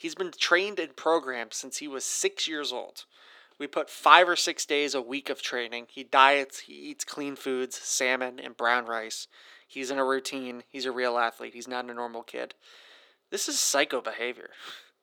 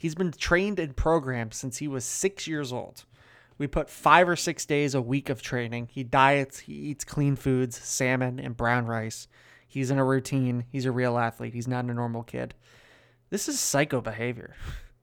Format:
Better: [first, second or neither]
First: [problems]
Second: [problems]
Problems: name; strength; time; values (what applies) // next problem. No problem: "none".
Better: second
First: thin; somewhat; fading below 350 Hz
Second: none